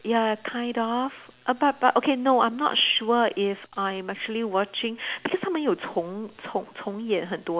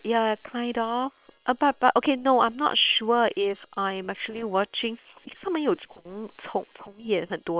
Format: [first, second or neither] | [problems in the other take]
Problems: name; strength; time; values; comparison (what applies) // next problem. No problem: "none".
first | noise reduction (neural separator model SepFormer WHAM!)